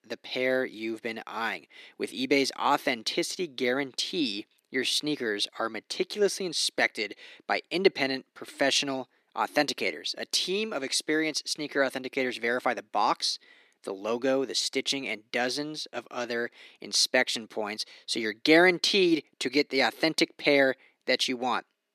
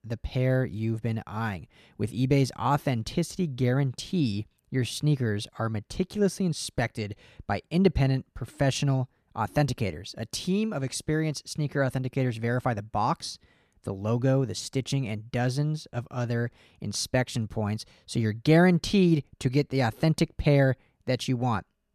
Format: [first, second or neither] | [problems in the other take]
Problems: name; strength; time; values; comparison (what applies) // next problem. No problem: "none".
second | thin; somewhat; fading below 300 Hz